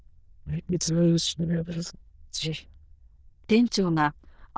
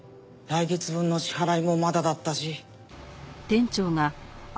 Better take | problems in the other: second | noise reduction (neural diffusion model UNIVERSE++)

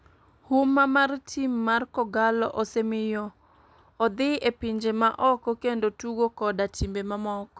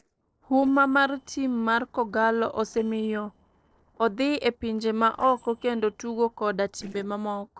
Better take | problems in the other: first | noise reduction (neural separator model SepFormer DNS4)

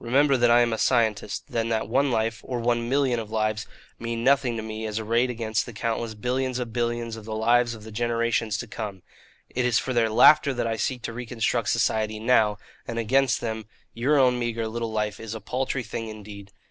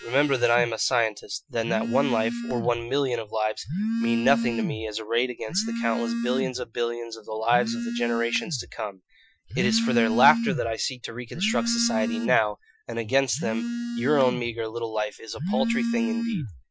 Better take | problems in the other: first | noise reduction (classical method Wiener filter)

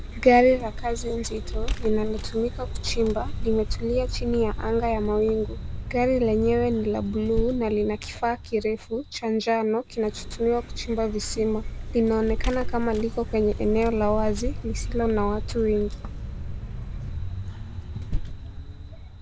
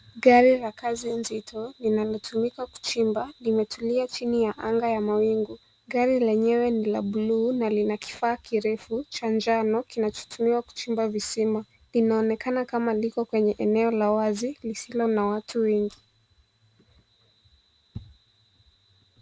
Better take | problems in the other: second | background sound (Vehicle); 5 dB below the speech

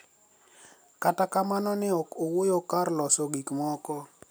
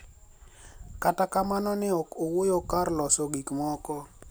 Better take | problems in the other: first | background sound (Wind); 19 dB below the speech

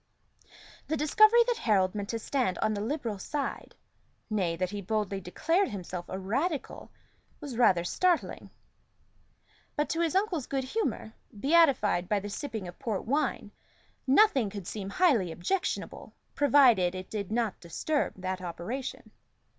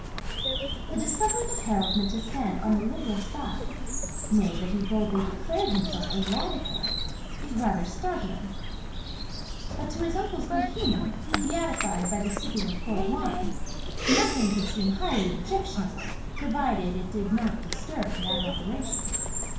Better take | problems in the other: first | background sound (Bird vocalization, bird call, bird song); 1 dB below the speech // room echo; dies away in 0.6 s

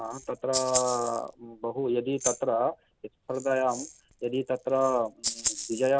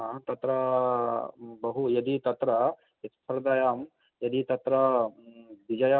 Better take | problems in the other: second | background sound (Rattle (instrument)); 8 dB below the speech

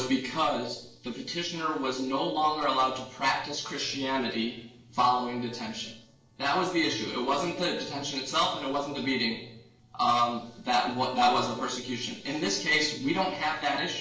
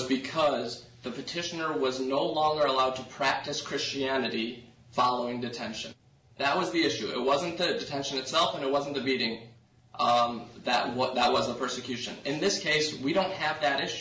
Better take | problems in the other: second | noise reduction (neural separator model SepFormer DNS4)

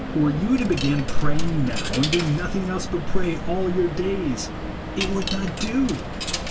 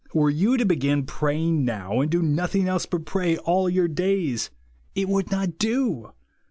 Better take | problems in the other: second | background sound (Coin (dropping)); 7 dB below the speech // room echo; dies away in 0.1 s

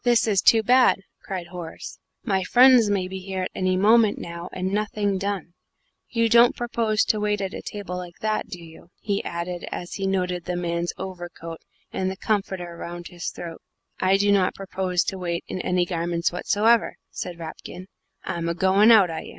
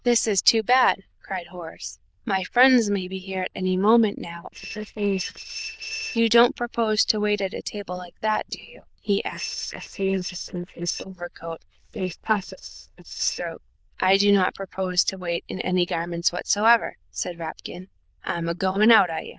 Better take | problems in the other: first | noise reduction (neural diffusion model UNIVERSE++)

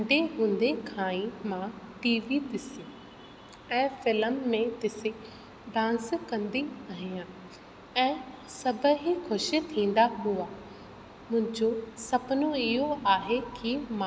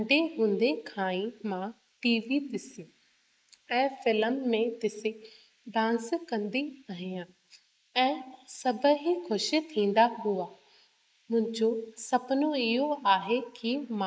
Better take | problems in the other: first | noise reduction (neural mask model Resemble Enhance denoiser)

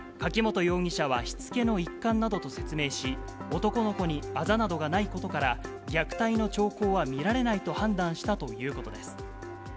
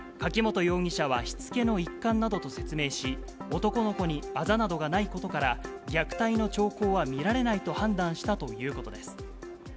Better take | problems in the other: second | background sound (Bowed string instrument); 19 dB below the speech

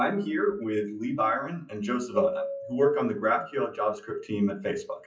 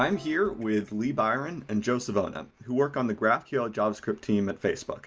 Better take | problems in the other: second | noise reduction (classical method WPE with log-MMSE)

